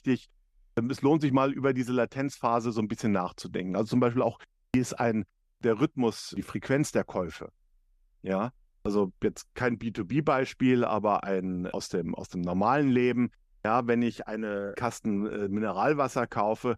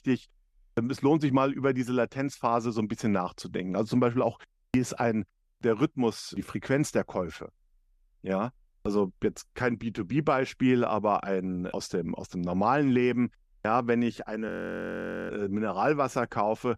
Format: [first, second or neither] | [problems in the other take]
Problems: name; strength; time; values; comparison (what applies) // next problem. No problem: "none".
first | audio freezing; at 14 s for 1 s